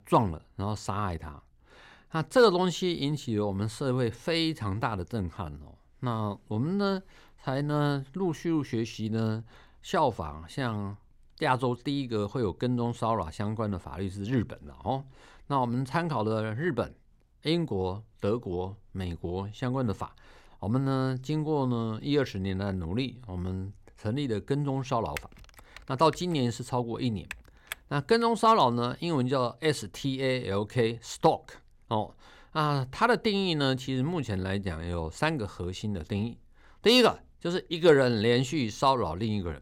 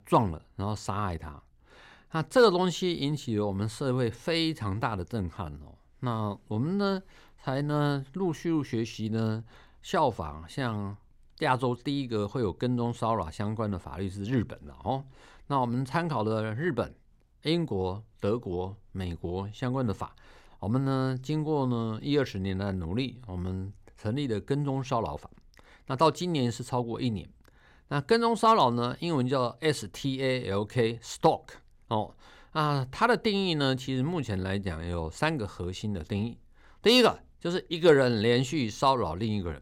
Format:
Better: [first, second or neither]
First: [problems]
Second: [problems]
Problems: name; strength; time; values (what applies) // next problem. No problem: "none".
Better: second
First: keyboard typing; faint; from 25 to 28 s; peak 10 dB below the speech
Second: none